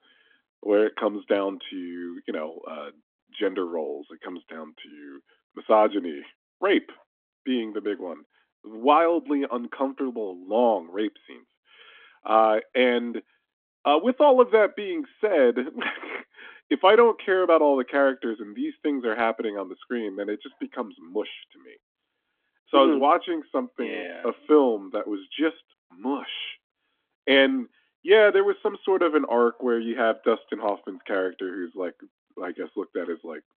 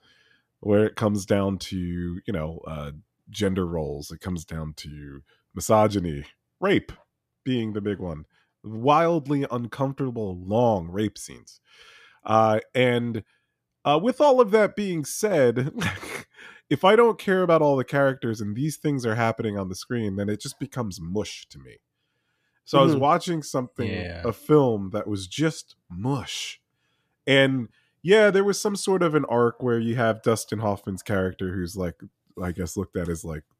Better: second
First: phone-call audio; nothing above 3.5 kHz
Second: none

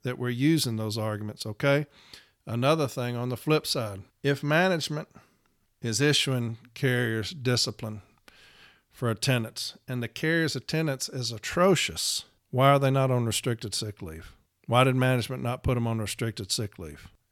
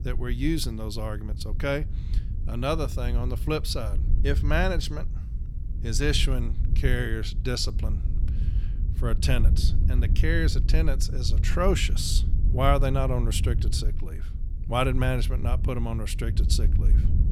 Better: first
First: none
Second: wind noise on the microphone; occasional gusts; 15 dB below the speech

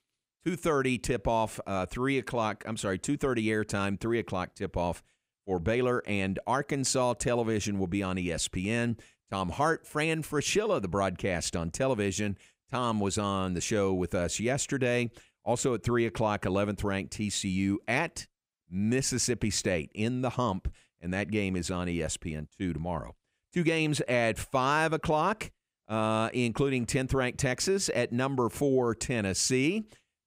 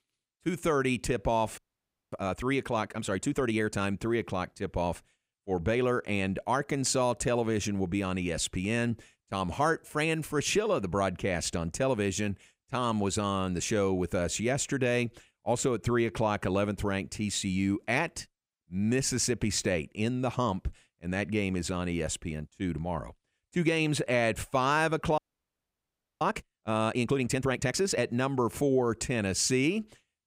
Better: first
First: none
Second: audio freezing; at 1.5 s for 0.5 s and at 25 s for 1 s

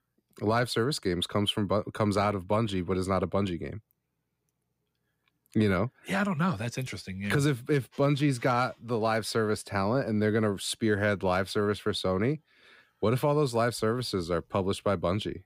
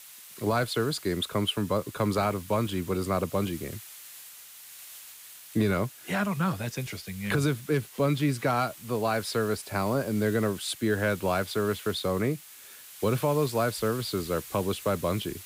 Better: first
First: none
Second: hiss; noticeable; throughout; 15 dB below the speech

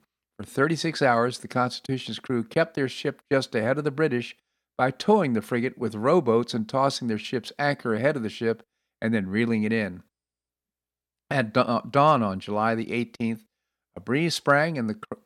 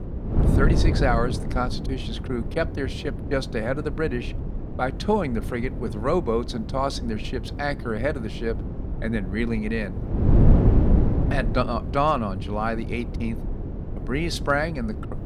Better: first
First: none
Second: wind noise on the microphone; heavy; 9 dB below the speech

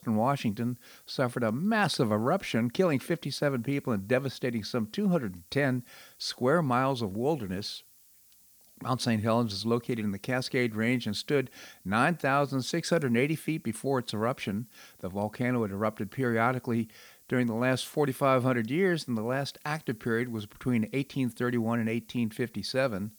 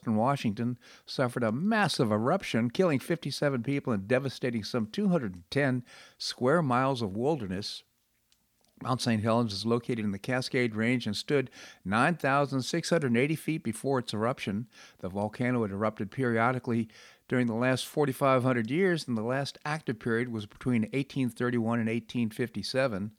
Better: second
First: hiss; faint; throughout; 25 dB below the speech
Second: none

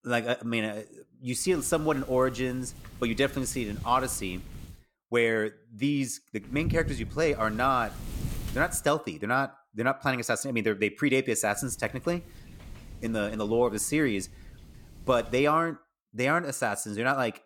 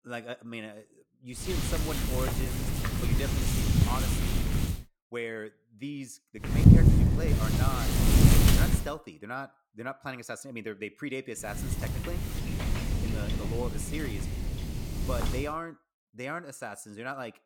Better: first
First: wind noise on the microphone; occasional gusts; from 1.5 to 4.5 s, from 6.5 to 9 s and from 11 to 15 s; 20 dB below the speech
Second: wind noise on the microphone; heavy; from 1.5 to 4.5 s, from 6.5 to 9 s and from 11 to 15 s; 3 dB above the speech

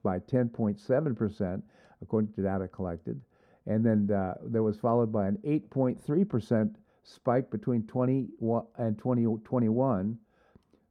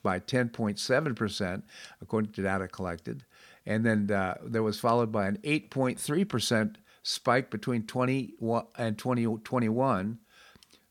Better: second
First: muffled; very; fading above 1.5 kHz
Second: none

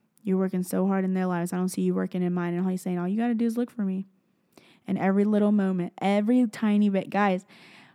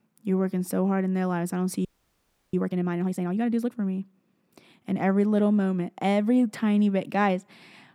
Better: first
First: none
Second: audio freezing; at 2 s for 0.5 s

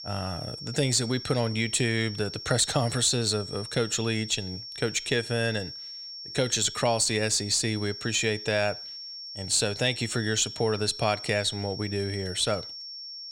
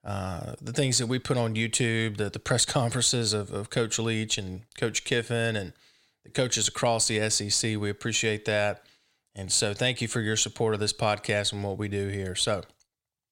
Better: second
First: high-pitched whine; noticeable; throughout; 5.5 kHz, 10 dB below the speech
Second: none

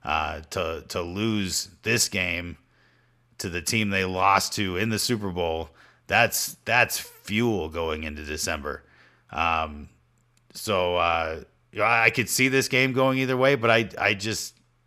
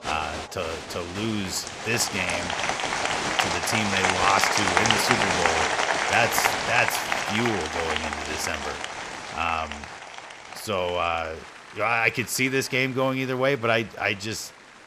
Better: first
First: none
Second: crowd noise; very loud; throughout; 1 dB above the speech

